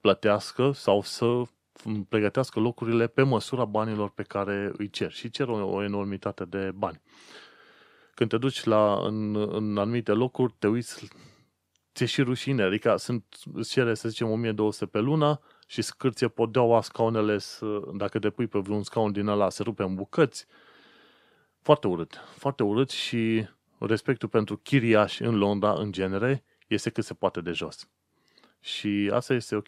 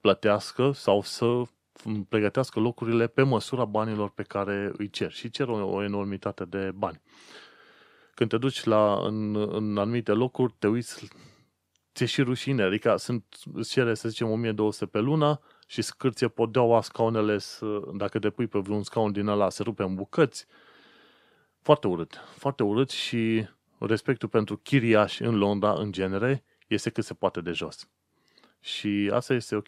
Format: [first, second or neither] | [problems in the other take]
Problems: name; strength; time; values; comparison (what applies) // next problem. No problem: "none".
neither | none